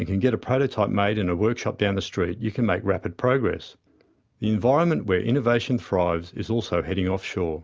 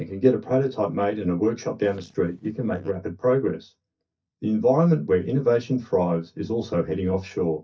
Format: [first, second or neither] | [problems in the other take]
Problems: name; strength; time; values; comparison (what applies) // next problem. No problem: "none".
first | noise reduction (neural mask model DeepFilterNet 3)